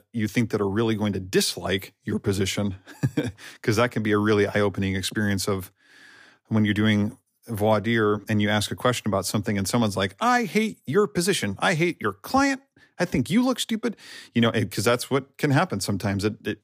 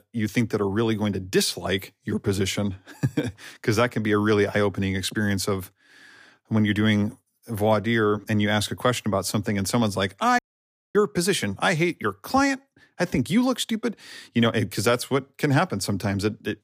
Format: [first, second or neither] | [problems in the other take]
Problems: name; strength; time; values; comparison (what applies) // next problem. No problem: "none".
first | audio cutting out; at 10 s for 0.5 s